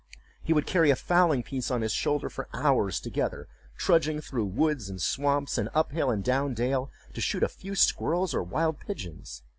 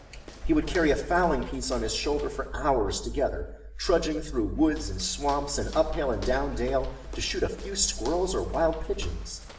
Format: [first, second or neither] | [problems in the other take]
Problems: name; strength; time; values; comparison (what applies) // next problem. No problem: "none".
first | background sound (Walk, footsteps); 20 dB below the speech // room echo; dies away in 0.8 s